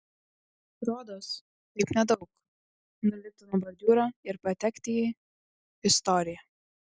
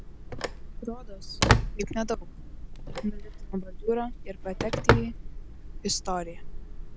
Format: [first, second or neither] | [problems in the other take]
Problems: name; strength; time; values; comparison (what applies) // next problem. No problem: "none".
first | background sound (Telephone); 5 dB above the speech